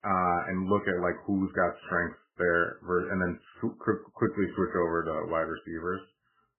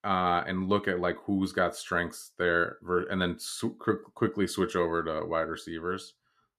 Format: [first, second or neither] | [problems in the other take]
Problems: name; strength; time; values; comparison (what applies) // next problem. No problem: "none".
second | garbled, watery; badly; nothing above 3 kHz